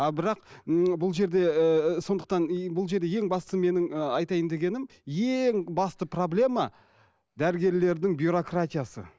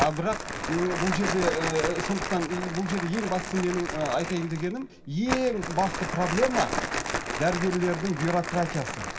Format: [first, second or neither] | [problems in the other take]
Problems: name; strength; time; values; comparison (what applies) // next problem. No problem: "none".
first | background sound (Crumpling, crinkling); 4 dB below the speech // room echo; dies away in 2.1 s